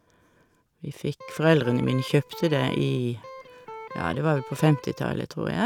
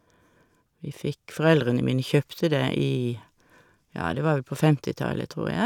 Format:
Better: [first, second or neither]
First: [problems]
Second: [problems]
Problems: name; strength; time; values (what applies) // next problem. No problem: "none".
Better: second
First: background sound (Electric guitar); 15 dB below the speech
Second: none